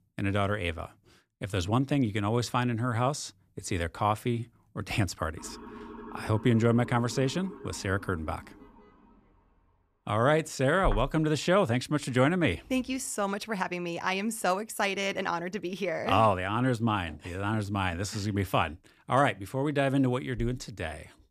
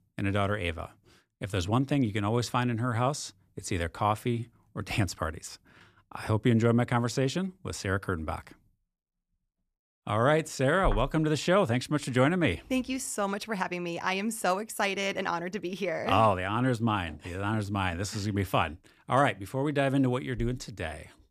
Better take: second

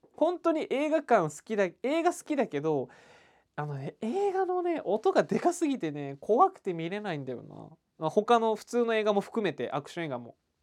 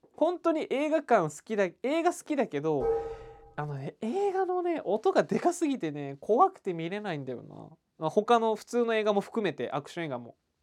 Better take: first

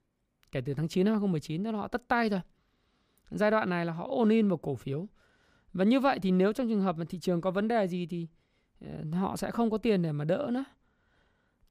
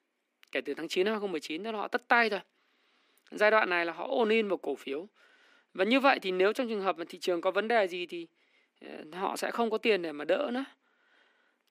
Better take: first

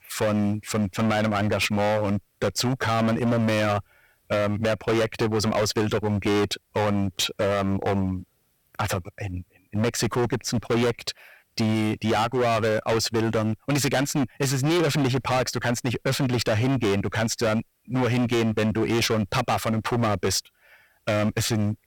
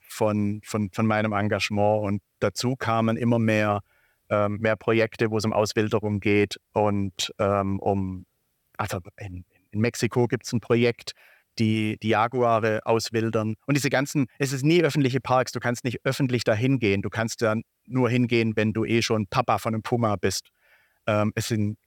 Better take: second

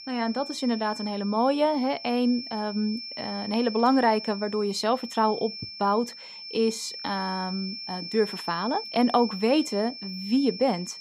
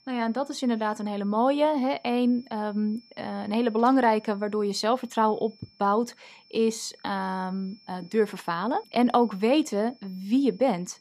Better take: second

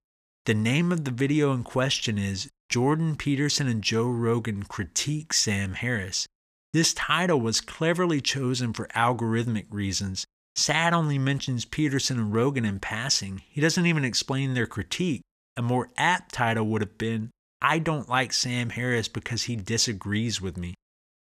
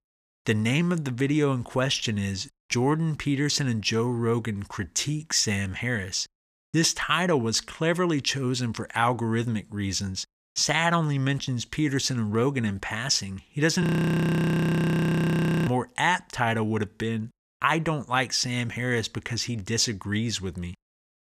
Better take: first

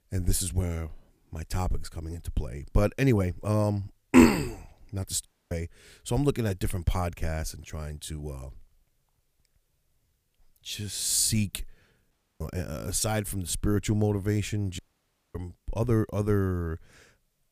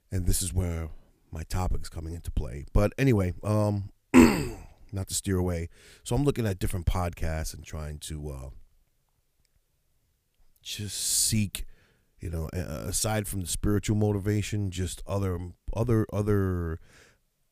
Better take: second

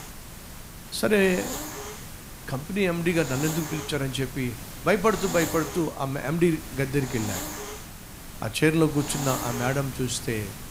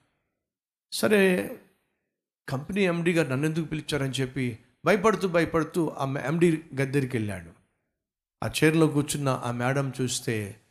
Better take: second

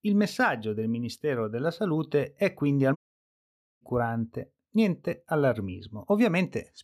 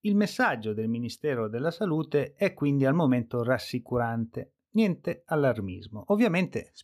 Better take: second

